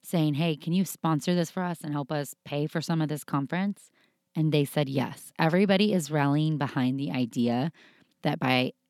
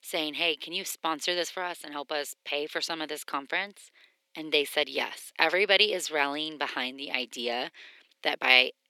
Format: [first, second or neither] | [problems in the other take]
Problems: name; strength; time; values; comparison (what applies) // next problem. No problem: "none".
first | thin; very; fading below 400 Hz